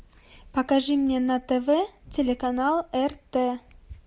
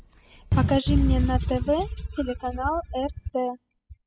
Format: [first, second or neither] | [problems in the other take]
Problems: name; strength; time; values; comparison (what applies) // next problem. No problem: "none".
first | noise reduction (classical method spectral subtraction)